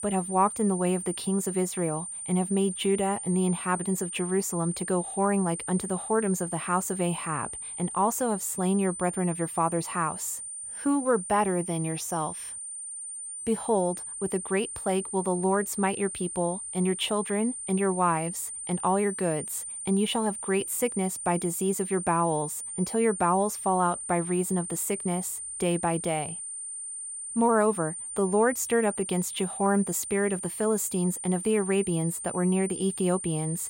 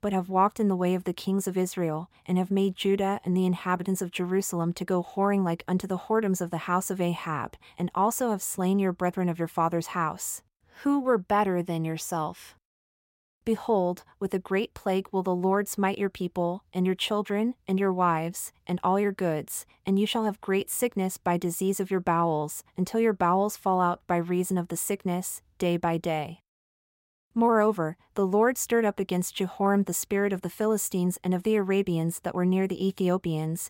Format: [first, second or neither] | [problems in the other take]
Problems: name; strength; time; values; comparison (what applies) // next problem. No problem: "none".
second | high-pitched whine; loud; throughout; 9 kHz, 6 dB below the speech